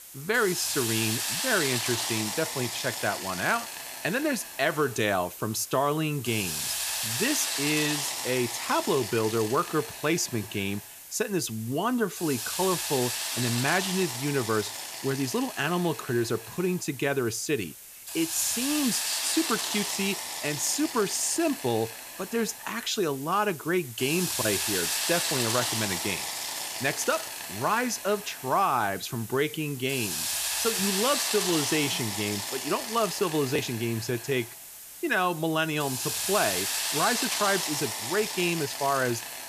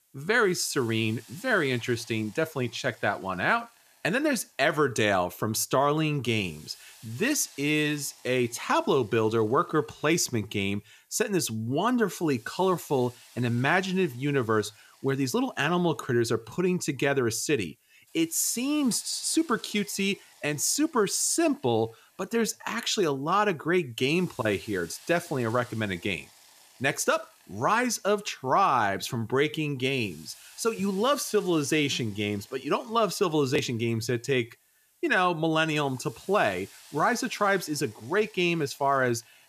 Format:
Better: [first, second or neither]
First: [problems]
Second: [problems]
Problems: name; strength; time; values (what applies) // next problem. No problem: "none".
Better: second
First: hiss; loud; throughout; 2 dB below the speech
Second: hiss; faint; throughout; 25 dB below the speech